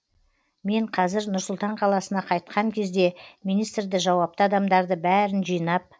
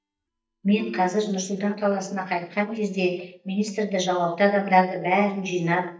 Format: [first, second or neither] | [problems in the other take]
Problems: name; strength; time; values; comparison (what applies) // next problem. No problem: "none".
first | noise reduction (neural mask model DeepFilterNet 3)